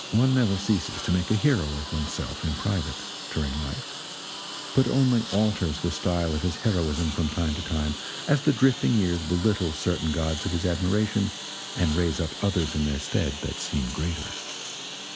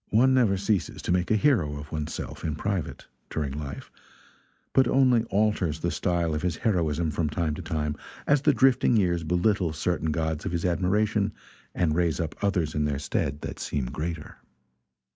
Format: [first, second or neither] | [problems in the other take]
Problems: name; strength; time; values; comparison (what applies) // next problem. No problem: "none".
second | background sound (Engine); 10 dB below the speech